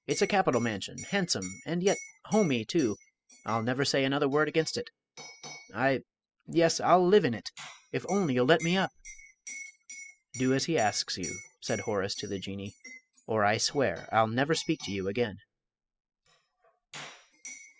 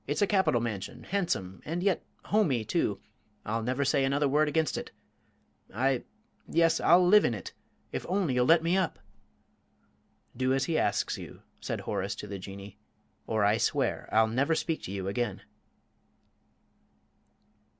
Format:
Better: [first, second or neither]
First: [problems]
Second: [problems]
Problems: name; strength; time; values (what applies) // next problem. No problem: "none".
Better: second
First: noise reduction (classical method spectral subtraction)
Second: none